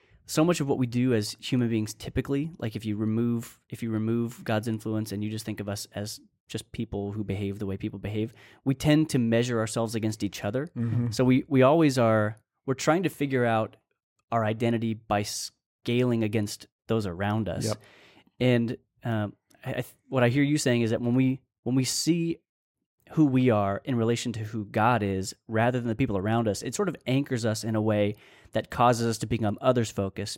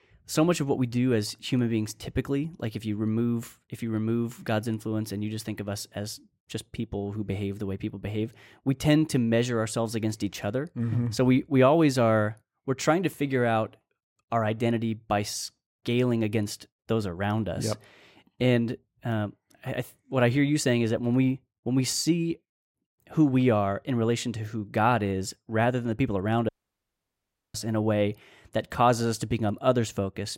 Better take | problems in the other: first | audio cutting out; at 26 s for 1 s

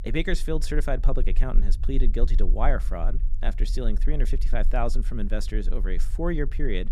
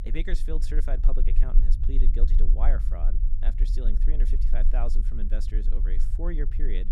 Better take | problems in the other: first | low rumble; loud; throughout; 9 dB below the speech; faint in the first

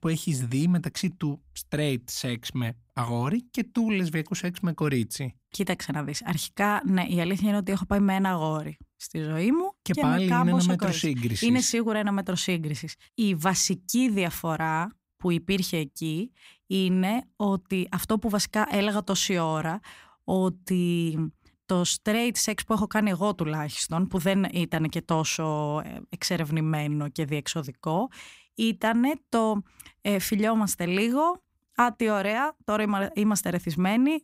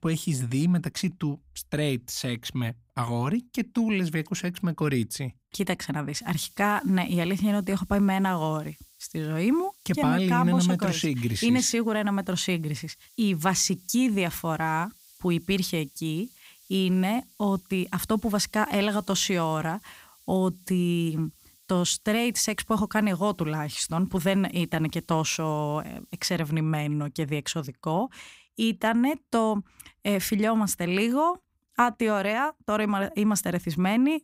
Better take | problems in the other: first | hiss; faint; from 6 to 26 s; 25 dB below the speech

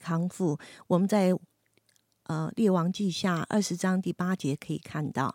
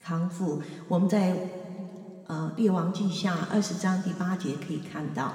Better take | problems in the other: first | room echo; slight; dies away in 2.3 s // off-mic speech; somewhat distant

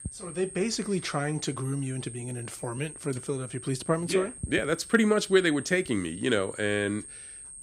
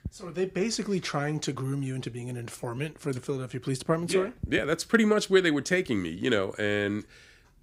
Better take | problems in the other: second | high-pitched whine; noticeable; throughout; 8.5 kHz, 15 dB below the speech

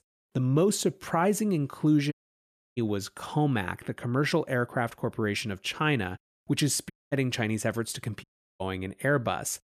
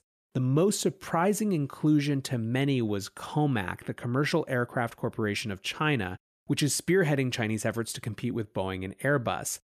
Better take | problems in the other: second | audio cutting out; at 2 s for 0.5 s, at 7 s and at 8 s

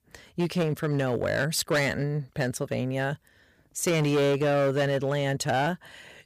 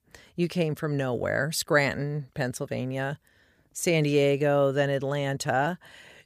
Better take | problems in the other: second | distortion; slight; 10% of the sound clipped

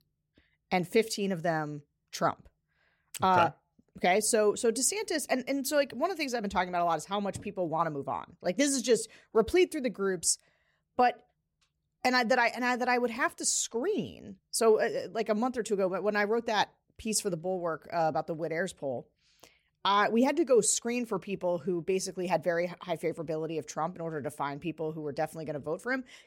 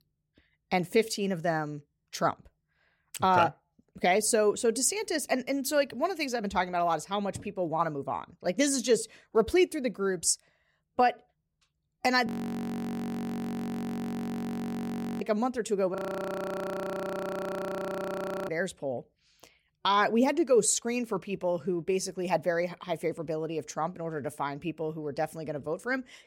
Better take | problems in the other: first | audio freezing; at 12 s for 3 s and at 16 s for 2.5 s

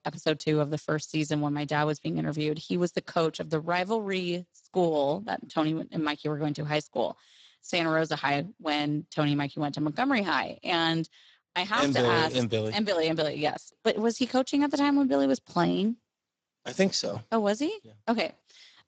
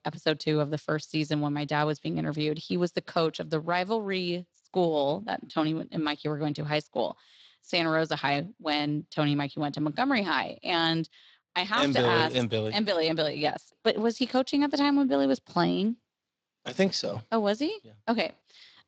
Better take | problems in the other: second | garbled, watery; badly; nothing above 7.5 kHz; slightly in the second

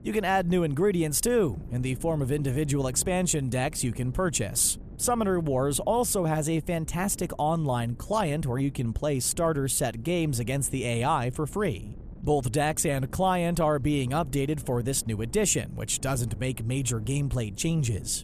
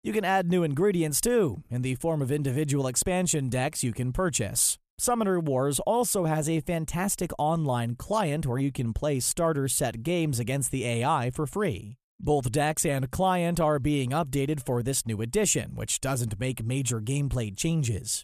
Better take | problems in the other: second | wind noise on the microphone; occasional gusts; 25 dB below the speech

